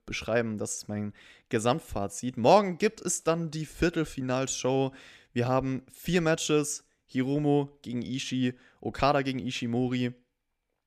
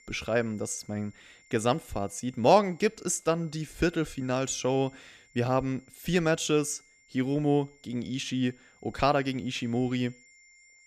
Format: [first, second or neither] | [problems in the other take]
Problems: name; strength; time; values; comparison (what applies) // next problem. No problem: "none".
first | high-pitched whine; faint; throughout; 2 kHz, 30 dB below the speech